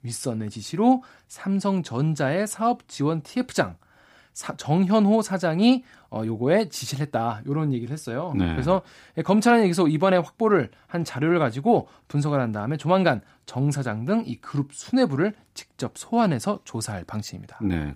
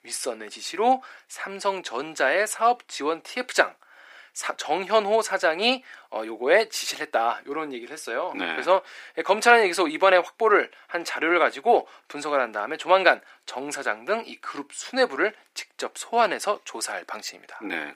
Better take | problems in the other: first | thin; very; fading below 400 Hz

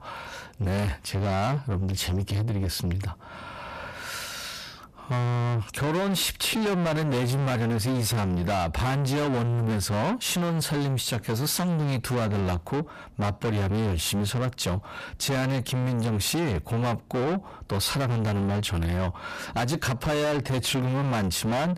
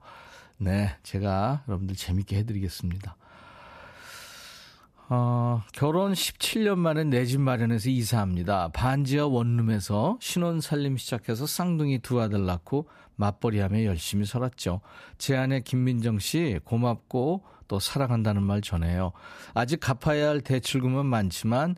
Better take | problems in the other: second | distortion; heavy; 6 dB below the speech

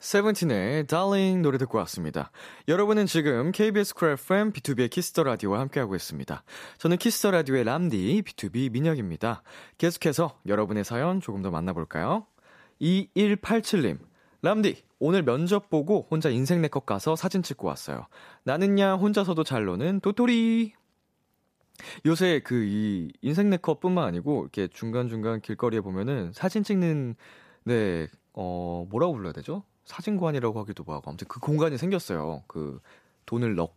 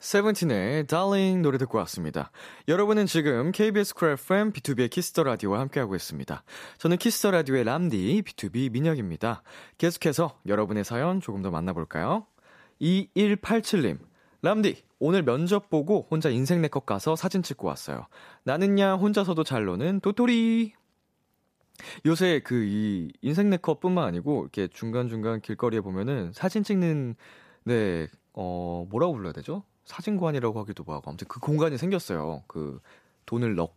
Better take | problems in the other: neither | none

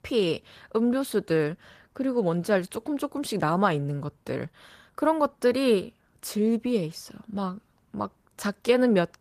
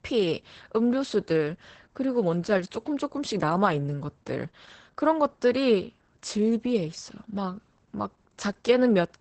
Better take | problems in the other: first | garbled, watery; badly; nothing above 8 kHz; slightly in the first

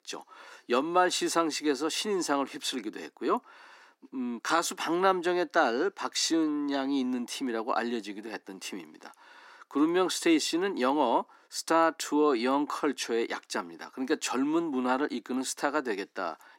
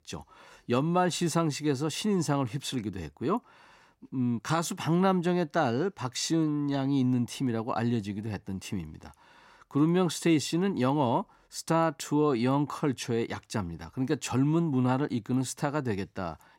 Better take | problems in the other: second | thin; somewhat; fading below 250 Hz

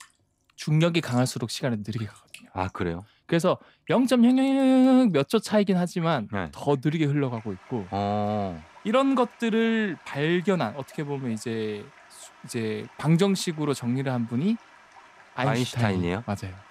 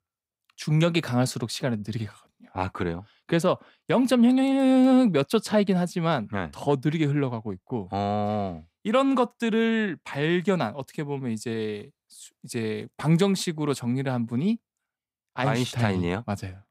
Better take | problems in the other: second | rain or running water; faint; throughout; 25 dB below the speech

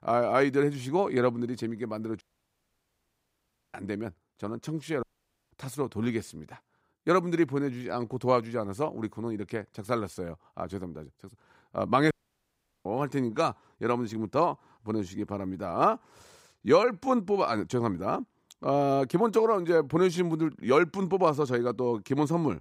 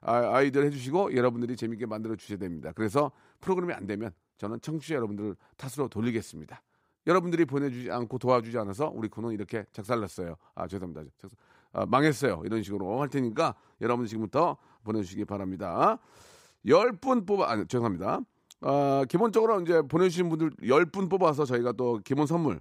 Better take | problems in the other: second | audio cutting out; at 2 s for 1.5 s, at 5 s and at 12 s for 0.5 s

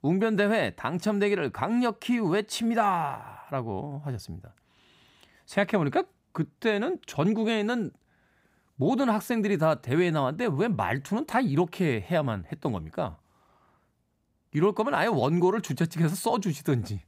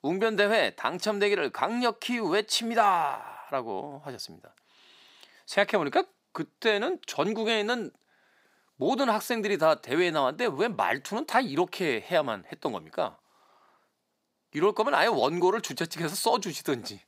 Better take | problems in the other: first | thin; somewhat; fading below 350 Hz

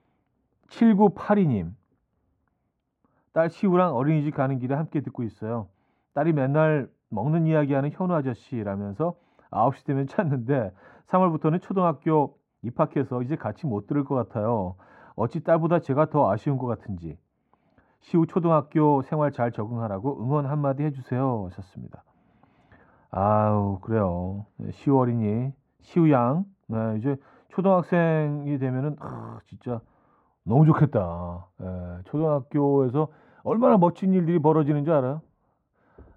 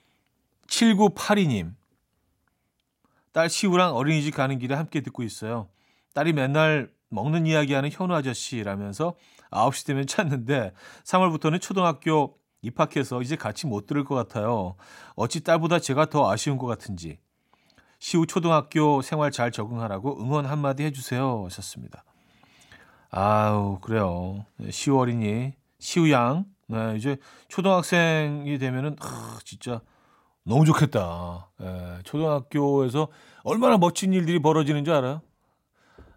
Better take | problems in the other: second | muffled; very; fading above 3 kHz

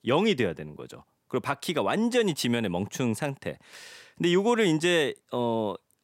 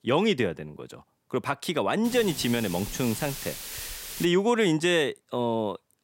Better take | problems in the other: first | hiss; noticeable; from 2 to 4.5 s; 10 dB below the speech

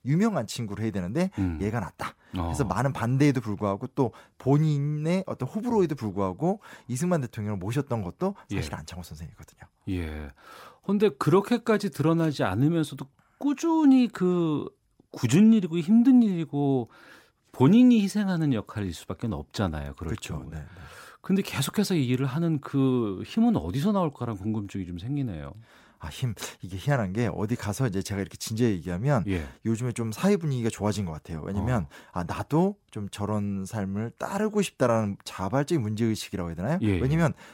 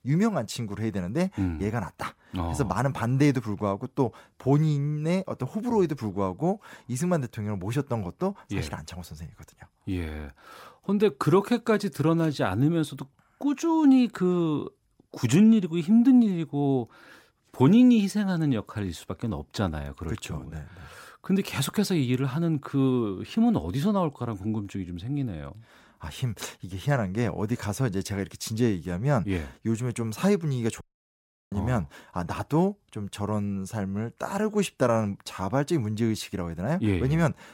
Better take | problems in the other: first | audio cutting out; at 31 s for 0.5 s

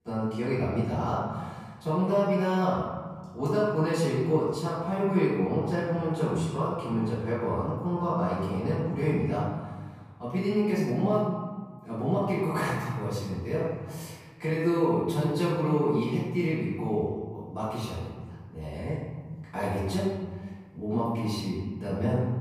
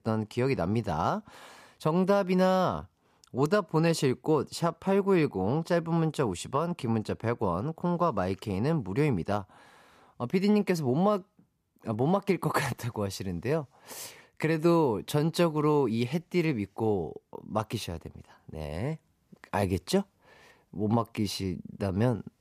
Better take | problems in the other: second | off-mic speech; far // room echo; strong; dies away in 1.5 s

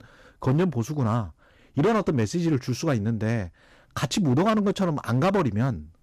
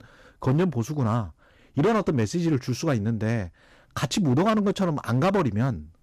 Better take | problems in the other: neither | distortion; slight; 7% of the sound clipped; the same in both

